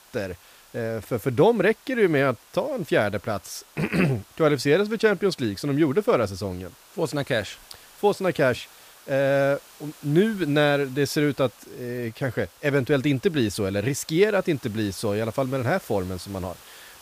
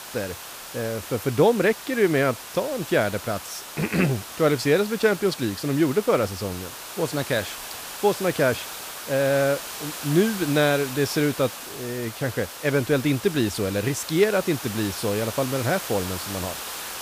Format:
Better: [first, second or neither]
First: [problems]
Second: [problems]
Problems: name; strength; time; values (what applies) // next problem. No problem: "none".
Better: first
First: hiss; faint; throughout; 25 dB below the speech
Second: hiss; loud; throughout; 10 dB below the speech